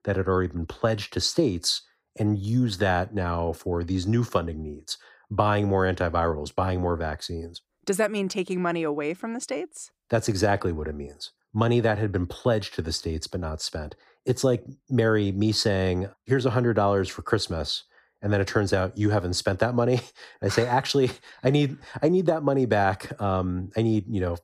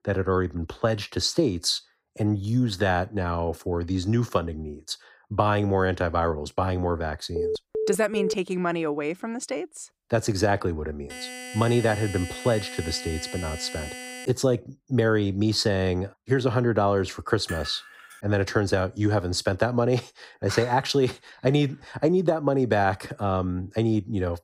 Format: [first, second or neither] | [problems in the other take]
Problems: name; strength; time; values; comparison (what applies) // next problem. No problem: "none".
first | phone ringing; noticeable; at 7.5 s; peak 4 dB below the speech // alarm; faint; from 11 to 14 s; peak 10 dB below the speech // clattering dishes; faint; at 17 s; peak 10 dB below the speech